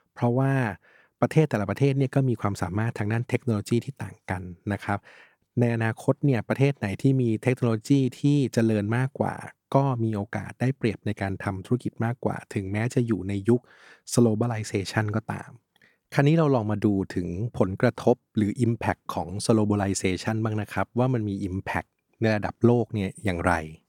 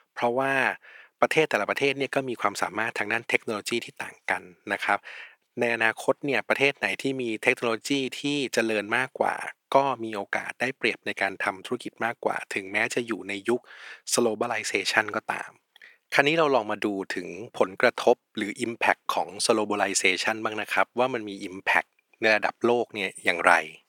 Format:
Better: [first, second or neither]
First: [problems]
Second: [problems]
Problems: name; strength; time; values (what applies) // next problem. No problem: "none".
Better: first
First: none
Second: thin; very; fading below 500 Hz